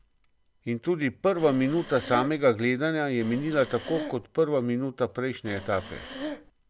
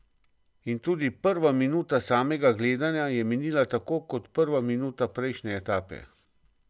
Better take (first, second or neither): second